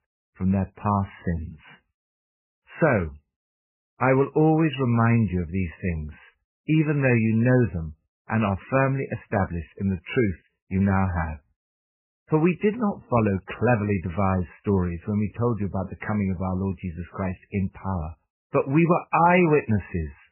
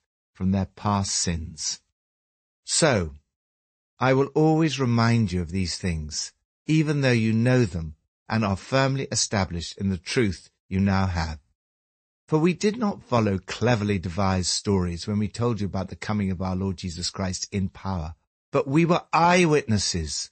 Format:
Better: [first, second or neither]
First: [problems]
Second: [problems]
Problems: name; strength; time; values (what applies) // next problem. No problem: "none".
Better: second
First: garbled, watery; badly; nothing above 3 kHz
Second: garbled, watery; slightly; nothing above 8 kHz